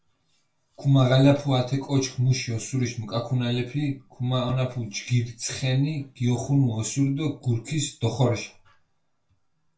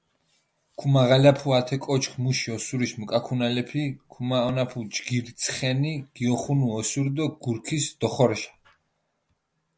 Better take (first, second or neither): second